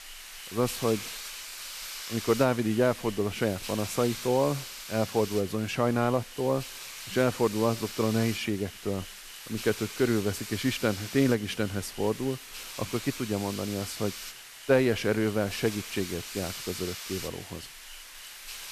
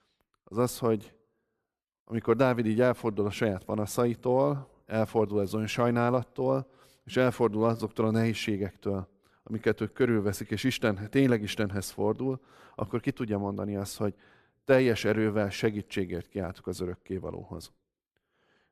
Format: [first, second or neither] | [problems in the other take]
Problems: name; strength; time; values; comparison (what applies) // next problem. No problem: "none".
second | hiss; loud; throughout; 10 dB below the speech